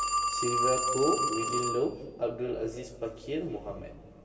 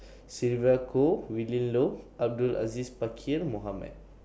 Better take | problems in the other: second | background sound (Telephone); as loud as the speech // room echo; dies away in 2.3 s

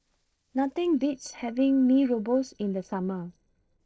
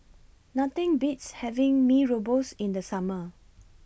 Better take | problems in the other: second | noise reduction (neural separator model SepFormer DNS4)

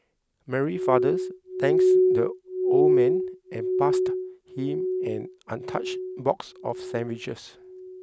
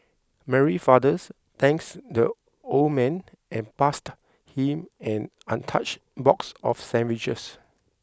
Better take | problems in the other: second | background sound (Glass); 5 dB above the speech

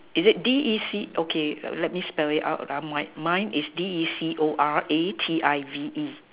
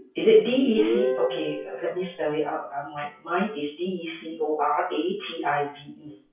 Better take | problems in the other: first | noise reduction (classical method WPE with log-MMSE)

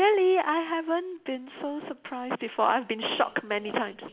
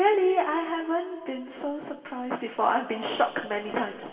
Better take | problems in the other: first | room echo; dies away in 2 s

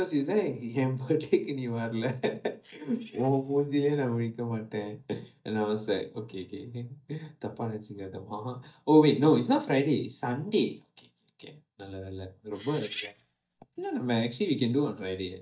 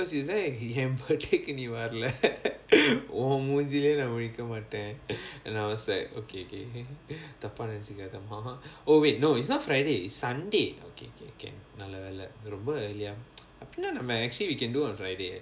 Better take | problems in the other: second | noise reduction (neural mask model DeepFilterNet 3)

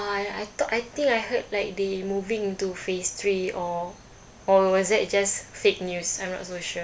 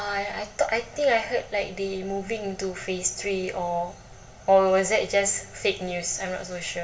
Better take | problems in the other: first | room echo; dies away in 0.5 s

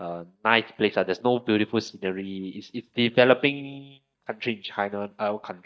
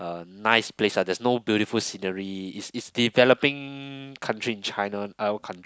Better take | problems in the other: second | noise reduction (neural mask model DeepFilterNet 3)

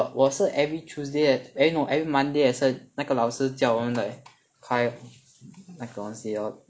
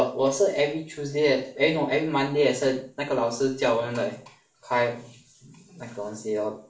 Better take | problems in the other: first | room echo; dies away in 0.4 s

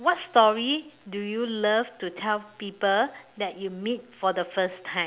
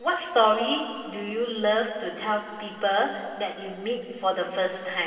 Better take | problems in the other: first | room echo; dies away in 2.5 s

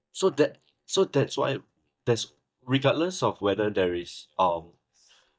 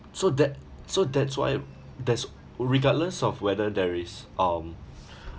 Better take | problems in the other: second | noise reduction (neural mask model DeepFilterNet 3)

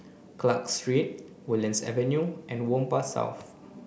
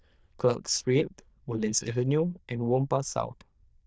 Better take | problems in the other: first | noise reduction (neural diffusion model UNIVERSE++)

